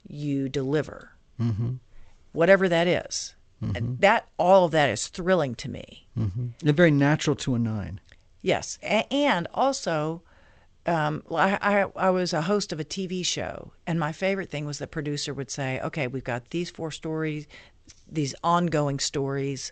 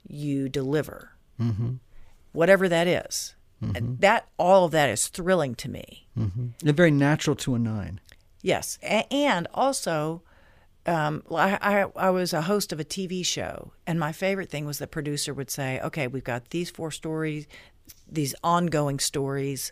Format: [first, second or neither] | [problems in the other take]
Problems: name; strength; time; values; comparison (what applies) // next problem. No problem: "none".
second | garbled, watery; slightly; nothing above 8 kHz